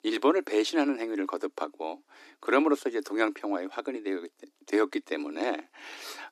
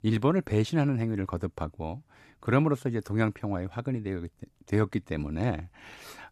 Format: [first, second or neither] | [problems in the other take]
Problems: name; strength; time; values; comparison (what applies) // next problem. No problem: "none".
second | thin; somewhat; fading below 300 Hz